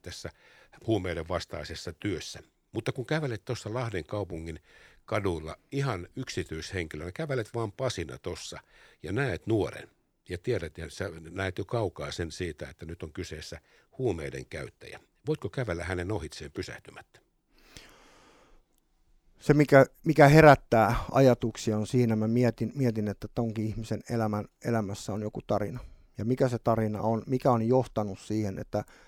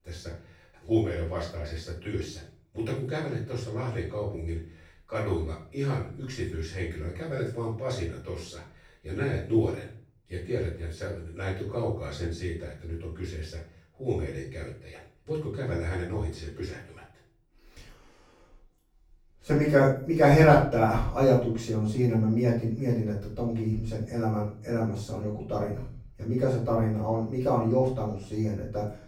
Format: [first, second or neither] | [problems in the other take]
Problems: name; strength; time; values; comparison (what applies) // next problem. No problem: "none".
first | off-mic speech; far // room echo; noticeable; dies away in 0.4 s